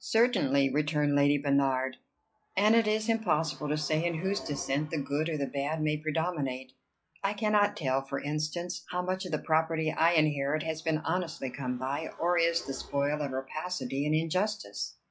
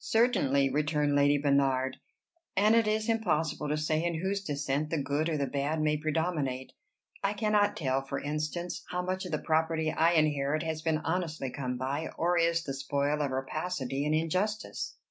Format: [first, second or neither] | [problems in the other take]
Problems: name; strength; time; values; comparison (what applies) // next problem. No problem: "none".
second | noise reduction (classical method log-MMSE)